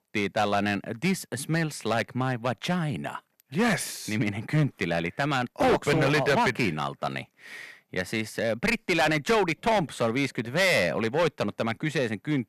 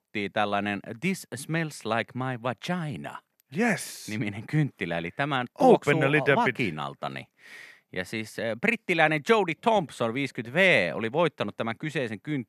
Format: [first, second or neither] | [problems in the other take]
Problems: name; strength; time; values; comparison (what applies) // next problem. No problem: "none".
second | distortion; heavy; 7% of the sound clipped